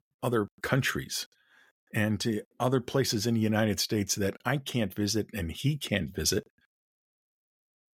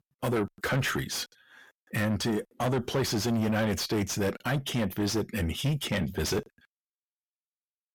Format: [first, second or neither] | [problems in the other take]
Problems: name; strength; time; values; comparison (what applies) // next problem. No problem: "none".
first | distortion; heavy; 7 dB below the speech